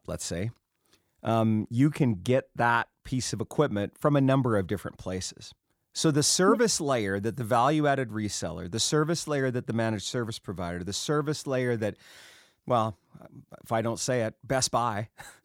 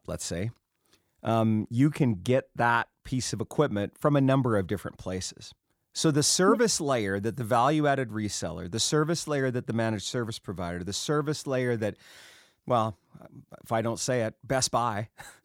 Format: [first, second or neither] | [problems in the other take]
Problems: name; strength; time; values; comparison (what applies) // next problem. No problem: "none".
neither | none